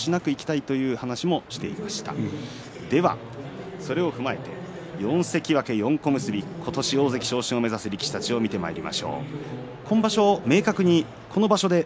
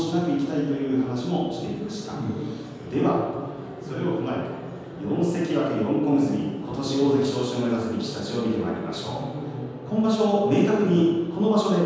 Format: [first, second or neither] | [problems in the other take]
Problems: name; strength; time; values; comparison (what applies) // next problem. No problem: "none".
first | room echo; dies away in 1.2 s